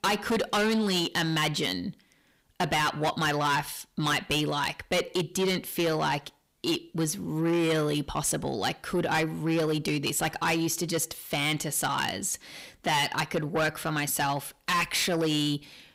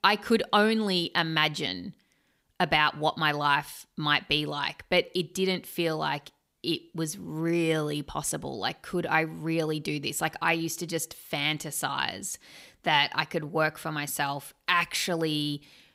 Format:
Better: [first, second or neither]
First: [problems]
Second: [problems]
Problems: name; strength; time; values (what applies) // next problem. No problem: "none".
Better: second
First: distortion; heavy; 6 dB below the speech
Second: none